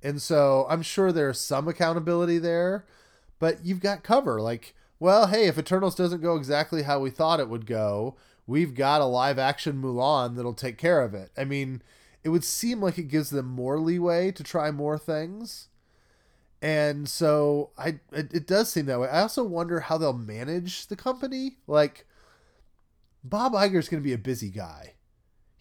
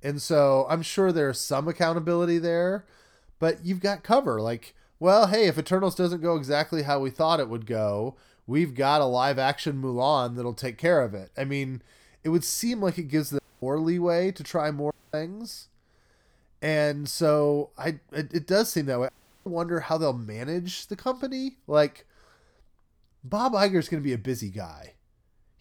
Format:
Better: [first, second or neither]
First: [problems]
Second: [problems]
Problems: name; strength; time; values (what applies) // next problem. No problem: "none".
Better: first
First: none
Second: audio cutting out; at 13 s, at 15 s and at 19 s